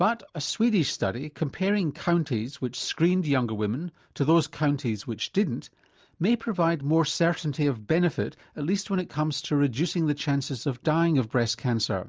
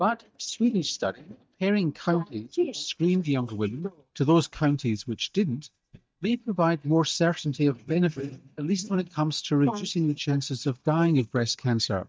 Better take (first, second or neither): first